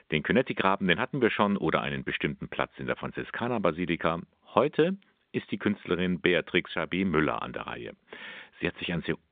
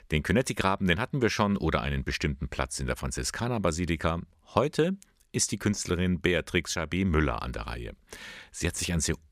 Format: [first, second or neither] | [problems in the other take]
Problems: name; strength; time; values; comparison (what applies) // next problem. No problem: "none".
second | phone-call audio